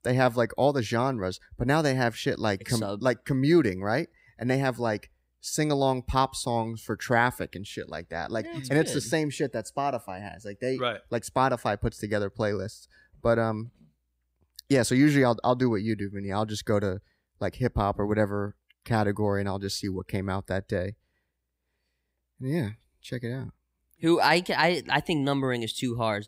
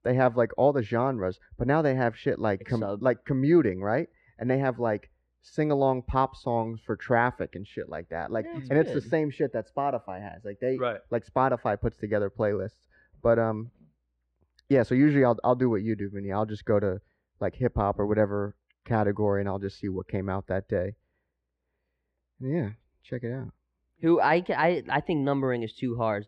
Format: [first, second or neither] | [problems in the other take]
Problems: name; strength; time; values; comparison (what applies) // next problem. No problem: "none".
first | muffled; very; fading above 2 kHz